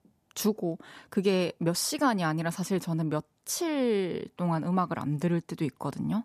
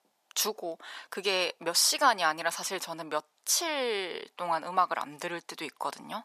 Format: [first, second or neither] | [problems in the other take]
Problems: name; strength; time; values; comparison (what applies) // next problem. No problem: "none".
first | thin; very; fading below 800 Hz